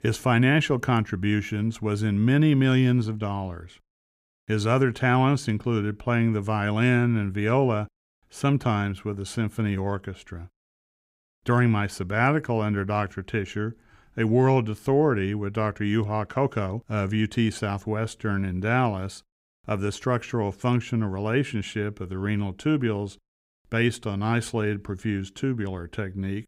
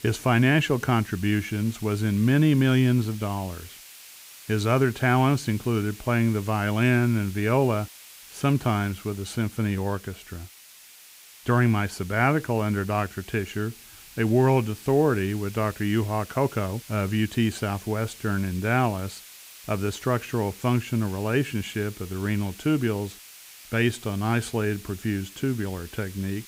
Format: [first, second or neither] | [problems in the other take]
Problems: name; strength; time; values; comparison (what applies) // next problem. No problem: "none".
first | hiss; noticeable; throughout; 20 dB below the speech